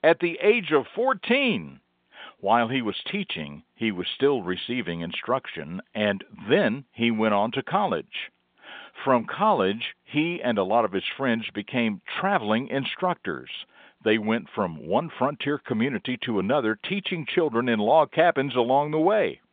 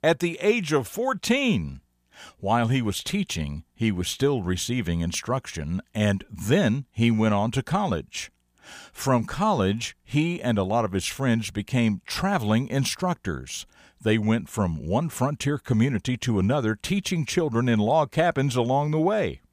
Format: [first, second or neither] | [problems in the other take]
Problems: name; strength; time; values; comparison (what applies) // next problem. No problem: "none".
second | phone-call audio